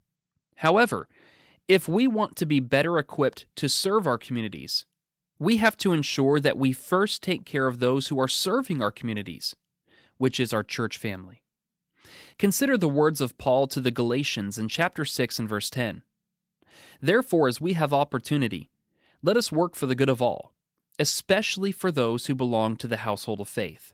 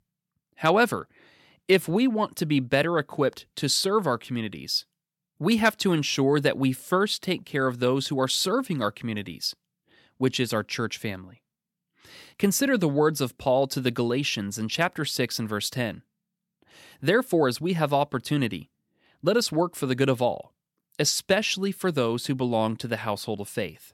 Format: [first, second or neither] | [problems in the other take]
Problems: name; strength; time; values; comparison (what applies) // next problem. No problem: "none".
second | garbled, watery; slightly; nothing above 15.5 kHz